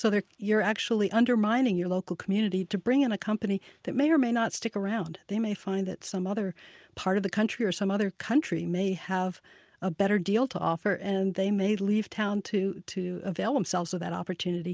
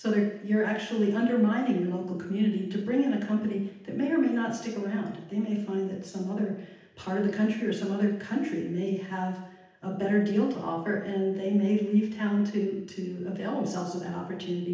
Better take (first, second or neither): first